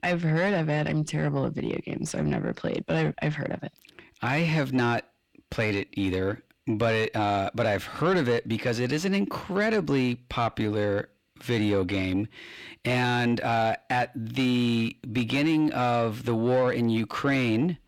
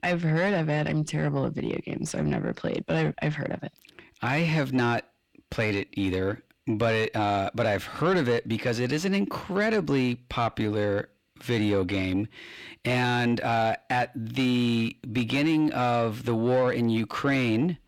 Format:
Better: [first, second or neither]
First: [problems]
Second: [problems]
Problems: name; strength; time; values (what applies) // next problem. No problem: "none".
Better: neither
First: distortion; slight; 10 dB below the speech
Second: distortion; slight; 10 dB below the speech